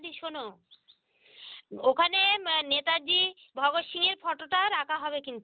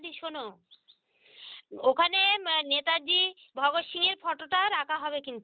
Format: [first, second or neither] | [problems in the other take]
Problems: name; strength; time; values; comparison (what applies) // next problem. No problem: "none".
first | noise reduction (neural mask model Resemble Enhance denoiser)